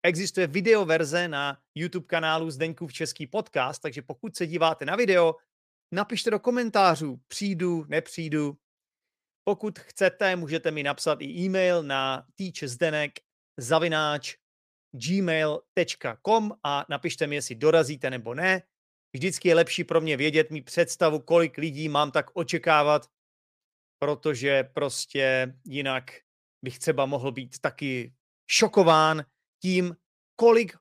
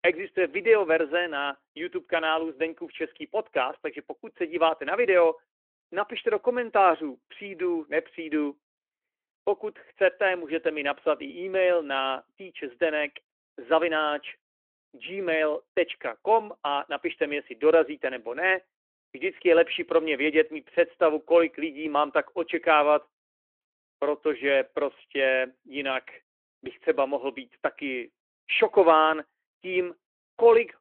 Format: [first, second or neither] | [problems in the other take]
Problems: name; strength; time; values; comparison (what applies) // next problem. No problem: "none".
first | phone-call audio